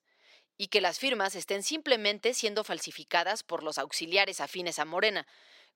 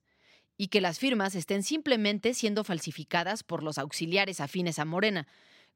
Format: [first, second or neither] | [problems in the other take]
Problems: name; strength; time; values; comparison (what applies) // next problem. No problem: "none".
second | thin; somewhat; fading below 500 Hz